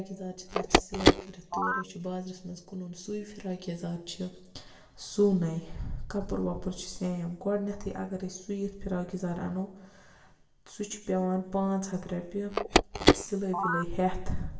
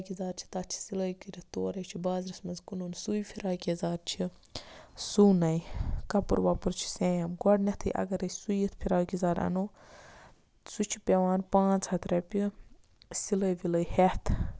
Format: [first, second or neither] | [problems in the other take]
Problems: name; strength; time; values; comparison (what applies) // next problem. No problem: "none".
second | background sound (Telephone); 4 dB above the speech // room echo; dies away in 0.7 s